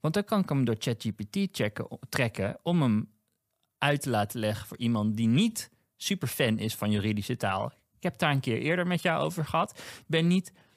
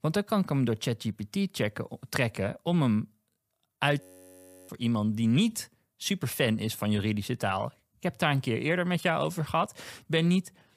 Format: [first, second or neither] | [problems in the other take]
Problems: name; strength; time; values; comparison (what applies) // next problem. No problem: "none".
first | audio freezing; at 4 s for 0.5 s